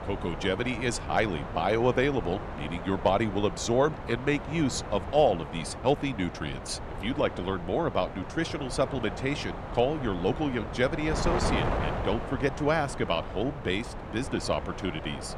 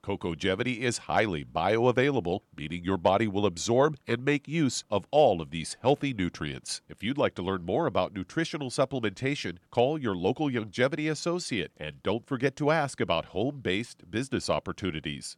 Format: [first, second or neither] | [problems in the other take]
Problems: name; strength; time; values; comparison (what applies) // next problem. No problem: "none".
second | wind noise on the microphone; heavy; 8 dB below the speech